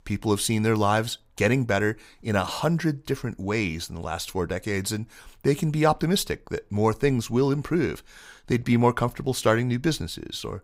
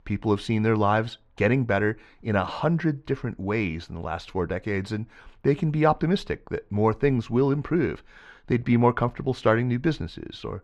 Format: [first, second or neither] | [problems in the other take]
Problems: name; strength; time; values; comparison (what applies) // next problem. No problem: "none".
first | muffled; slightly; fading above 2.5 kHz